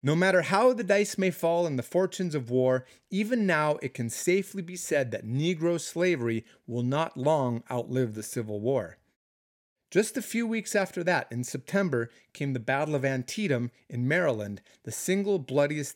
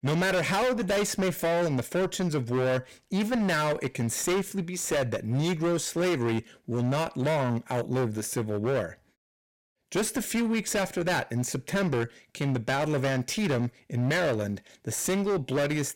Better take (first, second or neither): first